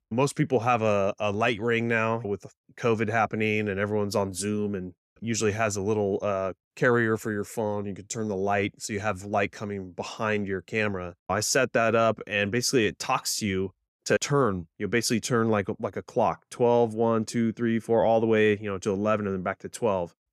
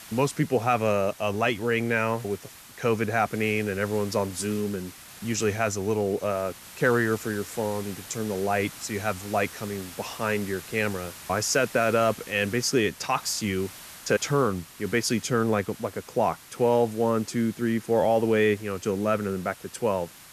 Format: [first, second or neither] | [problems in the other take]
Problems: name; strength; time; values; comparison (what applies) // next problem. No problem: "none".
first | hiss; noticeable; throughout; 15 dB below the speech